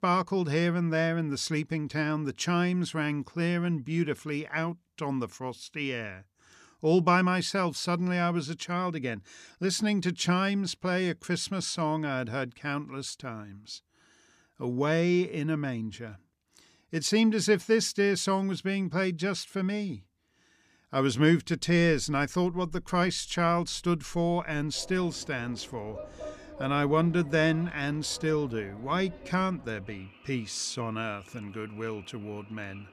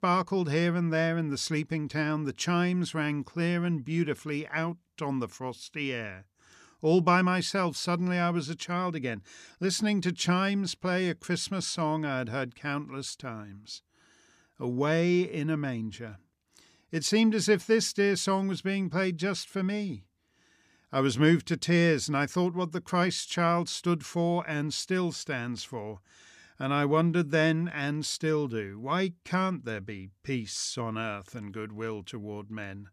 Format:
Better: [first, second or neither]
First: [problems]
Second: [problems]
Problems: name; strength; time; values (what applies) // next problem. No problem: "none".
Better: second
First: animal sounds; faint; from 22 s on; 20 dB below the speech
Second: none